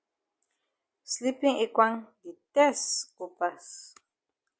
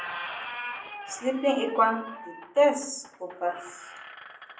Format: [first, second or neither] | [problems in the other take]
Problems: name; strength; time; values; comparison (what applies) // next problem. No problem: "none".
first | background sound (Squeak); 11 dB below the speech // room echo; dies away in 0.6 s